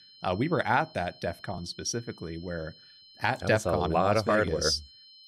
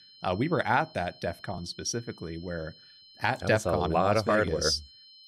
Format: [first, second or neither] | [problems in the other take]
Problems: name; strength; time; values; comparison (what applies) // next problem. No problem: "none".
neither | high-pitched whine; faint; throughout; 4 kHz, 25 dB below the speech; the same in both